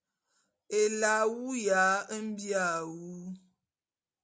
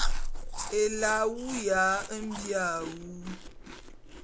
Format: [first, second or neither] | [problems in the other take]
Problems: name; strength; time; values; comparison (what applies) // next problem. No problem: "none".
first | background sound (Chewing, mastication); 3 dB below the speech